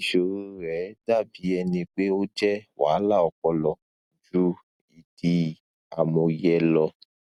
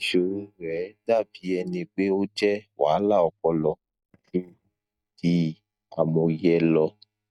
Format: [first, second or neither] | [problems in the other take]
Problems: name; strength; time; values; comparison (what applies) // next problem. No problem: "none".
first | noise reduction (neural mask model DeepFilterNet 3)